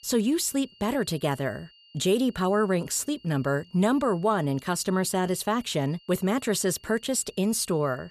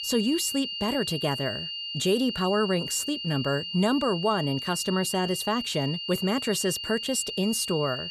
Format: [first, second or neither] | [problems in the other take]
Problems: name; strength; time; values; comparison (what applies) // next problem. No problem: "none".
first | high-pitched whine; loud; throughout; 3 kHz, 5 dB below the speech; faint in the first